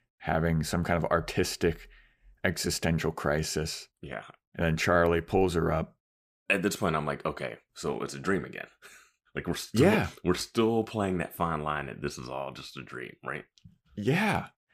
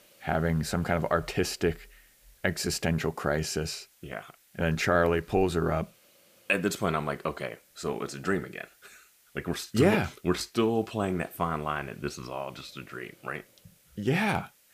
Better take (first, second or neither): first